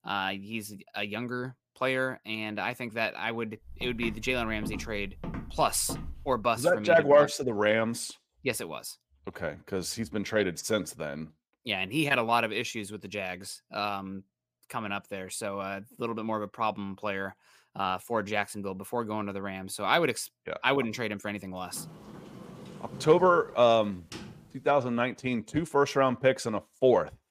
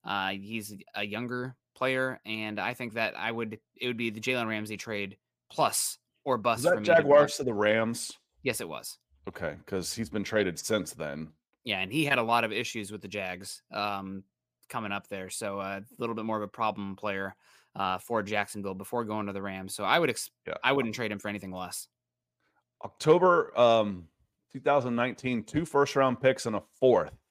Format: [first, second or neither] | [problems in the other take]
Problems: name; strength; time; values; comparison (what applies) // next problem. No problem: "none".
second | footsteps; noticeable; from 3.5 to 6.5 s; peak 10 dB below the speech // door banging; faint; from 22 to 25 s; peak 15 dB below the speech